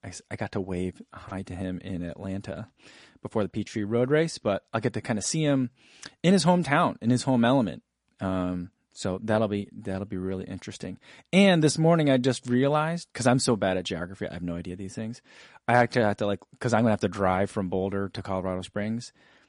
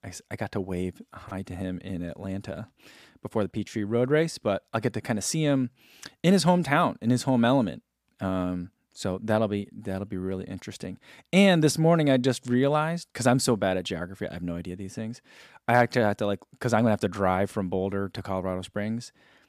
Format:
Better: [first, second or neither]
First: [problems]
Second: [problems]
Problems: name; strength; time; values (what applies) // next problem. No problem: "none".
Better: second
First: garbled, watery; slightly; nothing above 10.5 kHz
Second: none